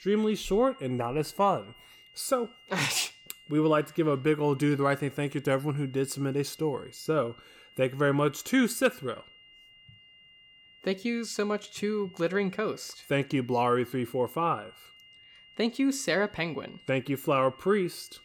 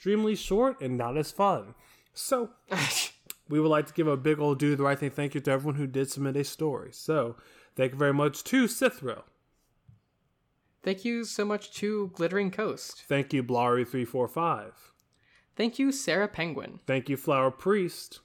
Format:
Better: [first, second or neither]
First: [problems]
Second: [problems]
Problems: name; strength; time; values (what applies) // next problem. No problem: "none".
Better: second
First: high-pitched whine; faint; throughout; 3 kHz, 25 dB below the speech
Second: none